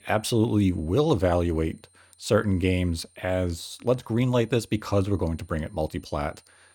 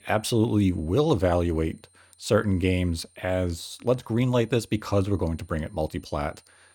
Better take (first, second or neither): neither